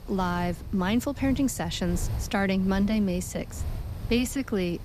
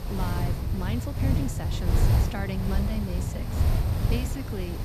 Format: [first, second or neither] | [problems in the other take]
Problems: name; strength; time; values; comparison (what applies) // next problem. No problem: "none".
first | wind noise on the microphone; heavy; 1 dB above the speech; occasional gusts in the first